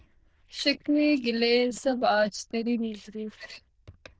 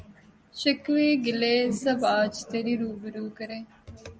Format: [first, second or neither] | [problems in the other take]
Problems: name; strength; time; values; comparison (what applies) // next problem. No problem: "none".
second | noise reduction (neural diffusion model UNIVERSE++)